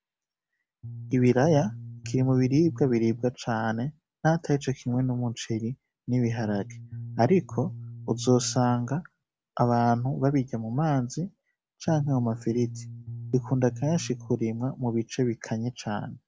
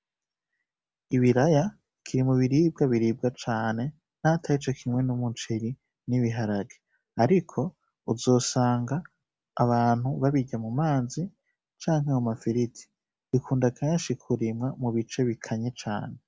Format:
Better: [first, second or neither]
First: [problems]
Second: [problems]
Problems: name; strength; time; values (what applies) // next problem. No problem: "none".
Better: second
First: background sound (Bass guitar); 12 dB below the speech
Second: none